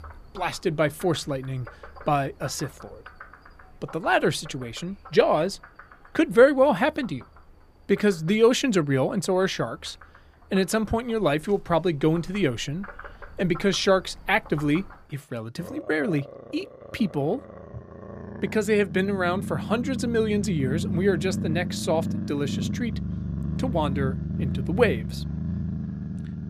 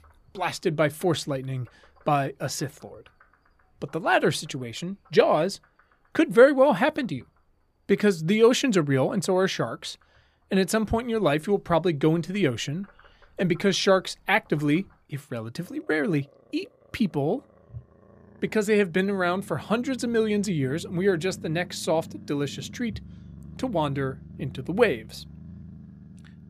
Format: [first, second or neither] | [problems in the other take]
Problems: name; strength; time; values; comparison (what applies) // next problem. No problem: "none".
second | animal sounds; loud; throughout; 8 dB below the speech; faint in the second